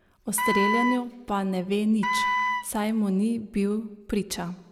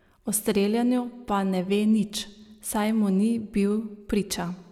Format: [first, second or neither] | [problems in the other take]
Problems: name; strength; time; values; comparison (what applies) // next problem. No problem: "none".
second | background sound (Wind instrument, woodwind instrument); 1 dB below the speech